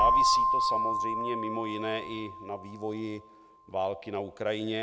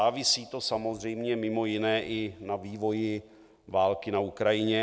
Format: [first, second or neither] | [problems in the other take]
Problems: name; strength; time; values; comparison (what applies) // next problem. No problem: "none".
second | background sound (Keyboard (musical)); 4 dB above the speech